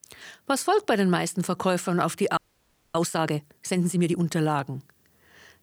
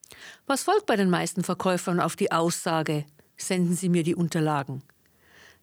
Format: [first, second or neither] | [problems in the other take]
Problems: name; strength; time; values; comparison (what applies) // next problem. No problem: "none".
second | audio freezing; at 2.5 s for 0.5 s